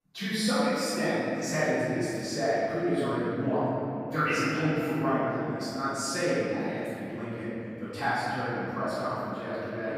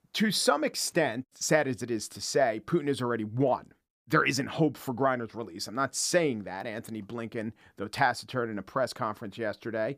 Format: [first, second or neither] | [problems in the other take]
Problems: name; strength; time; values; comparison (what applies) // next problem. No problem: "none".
second | off-mic speech; far // room echo; strong; dies away in 2.9 s